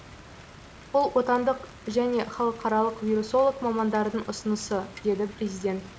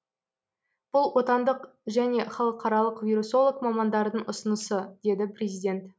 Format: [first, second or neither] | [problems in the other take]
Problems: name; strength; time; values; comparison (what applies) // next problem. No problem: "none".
second | background sound (Rain); 19 dB below the speech